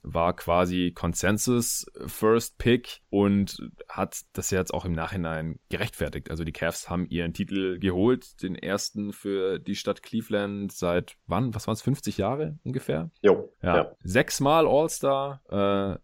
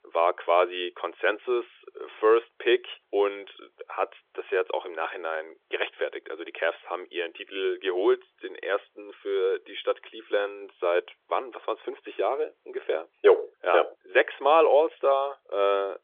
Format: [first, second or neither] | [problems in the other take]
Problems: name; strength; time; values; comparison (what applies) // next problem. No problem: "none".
first | phone-call audio; nothing above 3.5 kHz